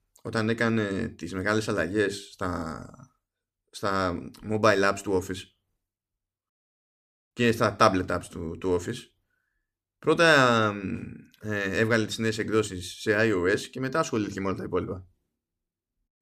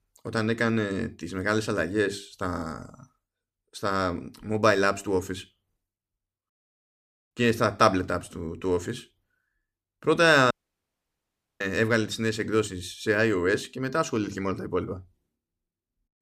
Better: first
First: none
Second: audio cutting out; at 11 s for 1 s

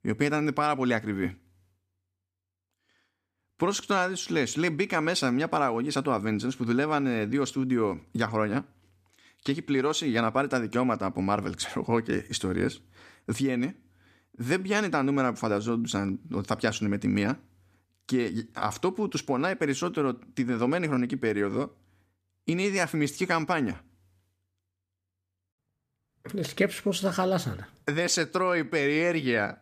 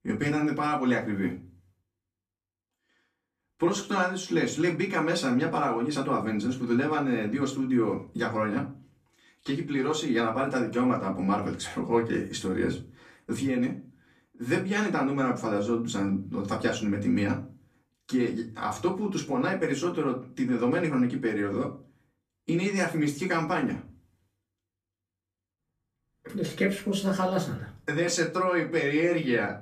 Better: first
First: none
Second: off-mic speech; far // room echo; very slight; dies away in 0.3 s

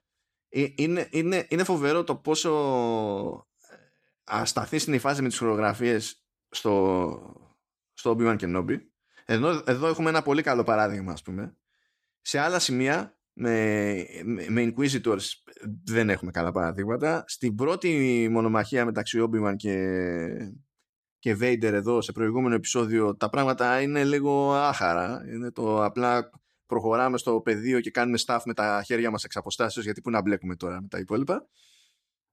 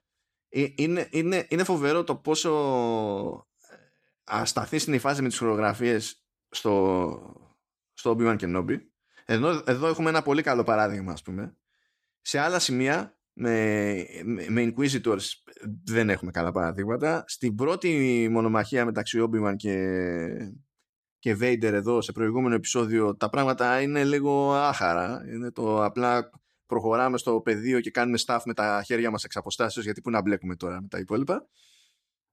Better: neither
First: none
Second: none

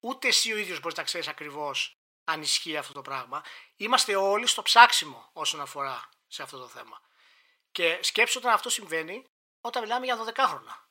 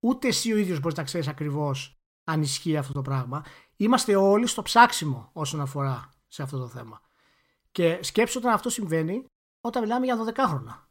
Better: second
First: thin; very; fading below 600 Hz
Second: none

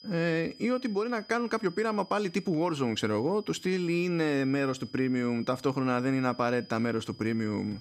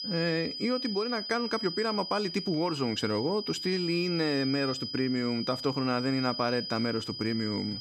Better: first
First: high-pitched whine; faint; throughout; 5 kHz, 20 dB below the speech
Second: high-pitched whine; loud; throughout; 5 kHz, 5 dB below the speech

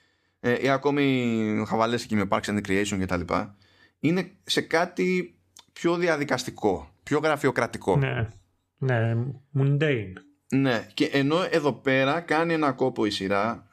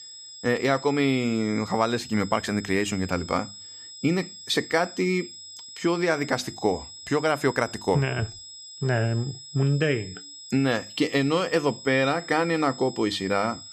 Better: first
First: none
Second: high-pitched whine; noticeable; throughout; 5 kHz, 15 dB below the speech

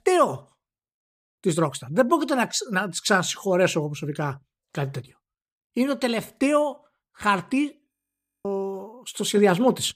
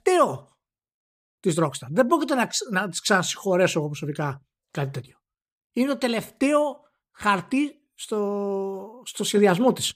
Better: second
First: audio freezing; at 8 s for 0.5 s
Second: none

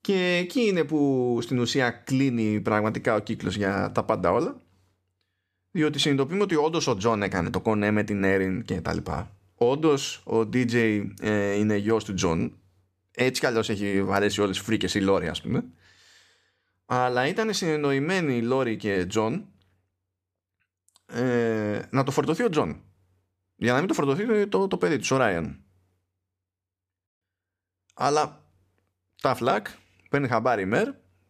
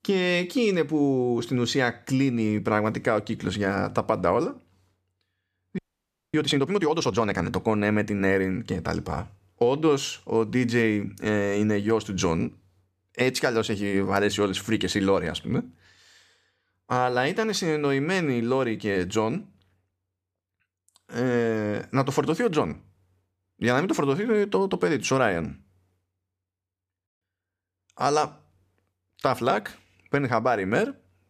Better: first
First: none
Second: audio freezing; at 6 s for 0.5 s

